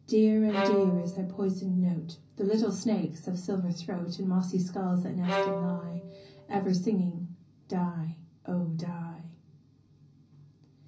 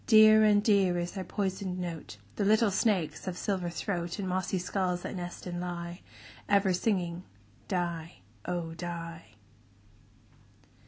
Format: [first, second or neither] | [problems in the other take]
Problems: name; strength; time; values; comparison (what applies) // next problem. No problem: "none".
second | background sound (Bowed string instrument); 7 dB below the speech // room echo; dies away in 0.5 s